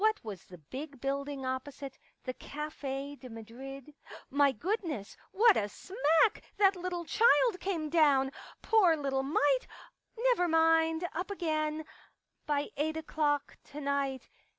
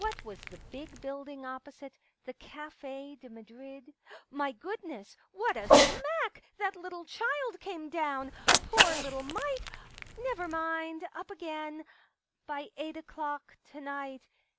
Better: first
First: none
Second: background sound (Cat); 3 dB above the speech

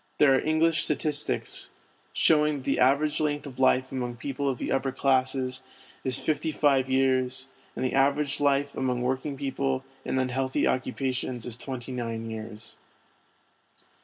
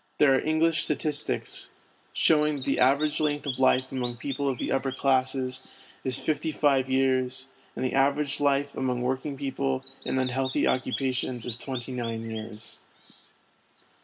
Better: first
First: none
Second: background sound (Bird vocalization, bird call, bird song); 17 dB below the speech

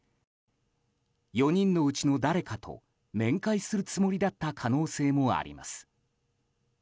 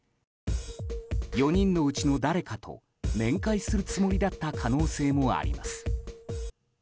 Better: first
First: none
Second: background sound (Drum kit); 3 dB below the speech

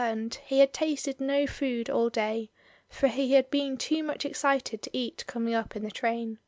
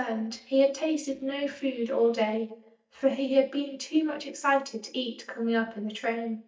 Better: first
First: none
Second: noise reduction (neural mask model DeepFilterNet 3)

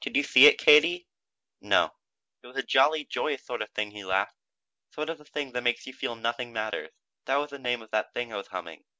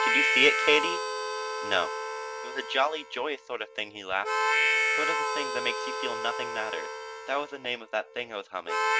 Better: first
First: none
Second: background sound (Harmonica); 1 dB above the speech

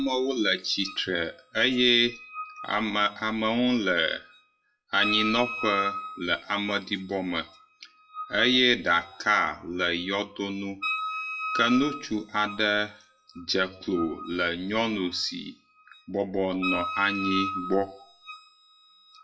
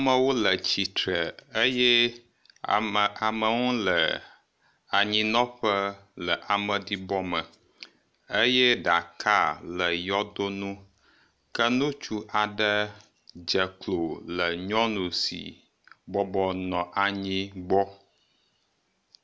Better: second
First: noise reduction (classical method WPE with log-MMSE)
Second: none

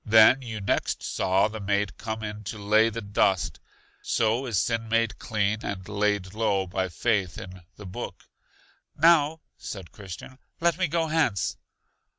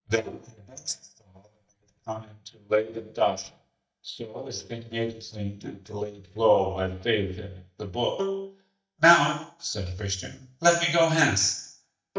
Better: first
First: none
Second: noise reduction (neural mask model DeepFilterNet 3)

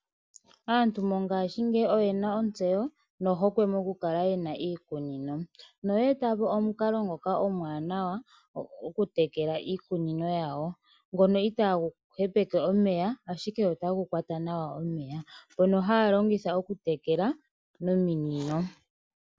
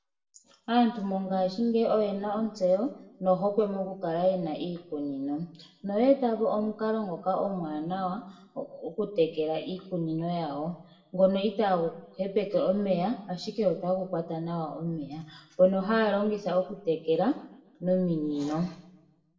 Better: first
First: none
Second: room echo; dies away in 0.6 s

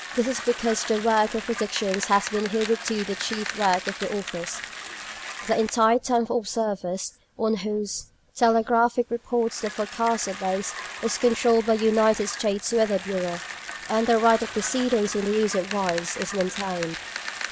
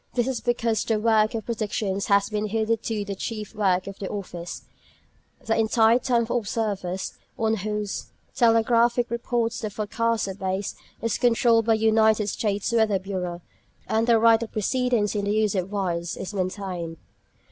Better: second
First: background sound (Bicycle); 11 dB below the speech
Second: none

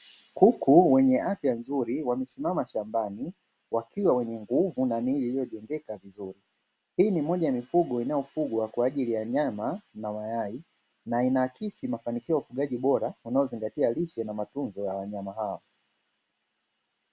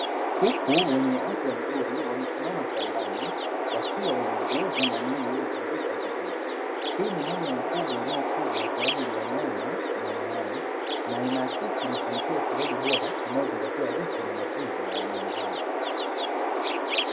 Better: first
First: none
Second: background sound (Chirp, tweet); 4 dB above the speech // room echo; dies away in 1.3 s

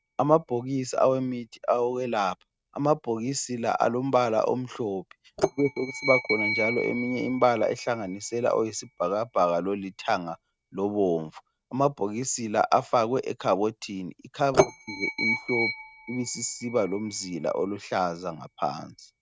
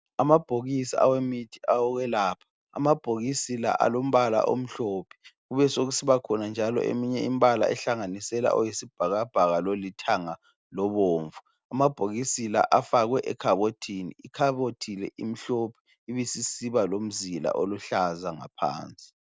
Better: second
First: noise reduction (neural mask model RNNoise)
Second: none

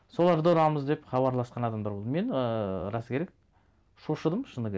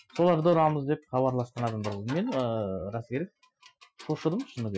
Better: first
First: none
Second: noise reduction (classical method Wiener filter)

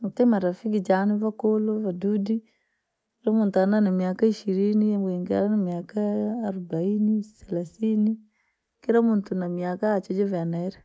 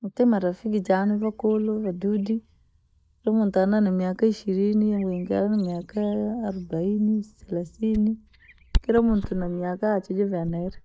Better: first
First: none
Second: noise reduction (neural mask model DeepFilterNet 3)

